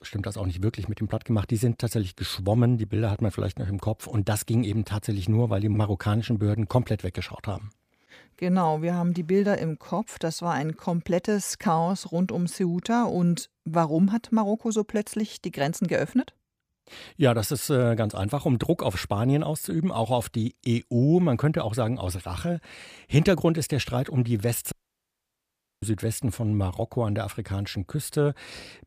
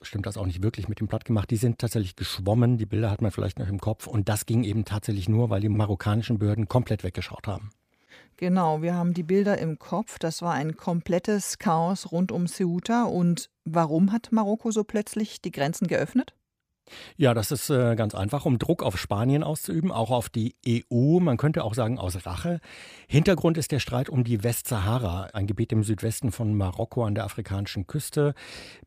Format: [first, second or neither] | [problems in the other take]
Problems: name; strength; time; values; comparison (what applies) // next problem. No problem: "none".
second | audio cutting out; at 25 s for 1 s